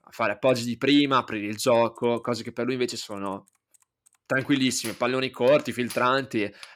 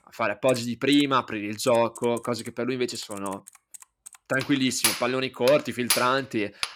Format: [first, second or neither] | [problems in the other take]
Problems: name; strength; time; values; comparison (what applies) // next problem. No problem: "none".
first | household noises; loud; throughout; 4 dB below the speech; faint in the first